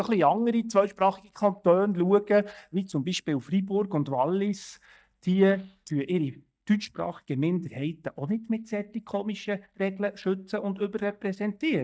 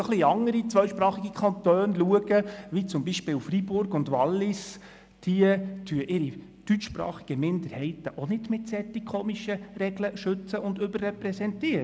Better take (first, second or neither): second